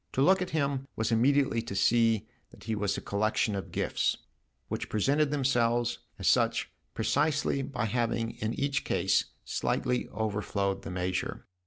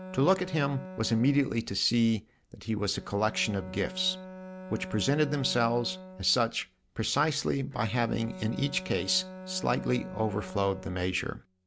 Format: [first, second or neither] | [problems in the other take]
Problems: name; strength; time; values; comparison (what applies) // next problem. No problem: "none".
first | background sound (Bowed string instrument); 14 dB below the speech